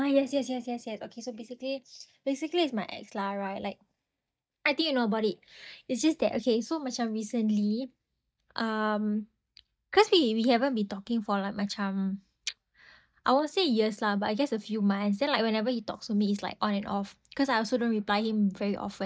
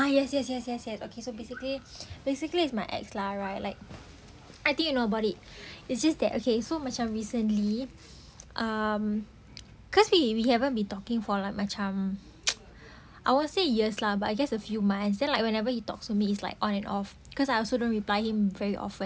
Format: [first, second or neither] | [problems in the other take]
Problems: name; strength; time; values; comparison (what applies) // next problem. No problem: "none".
second | noise reduction (neural mask model DeepFilterNet 3)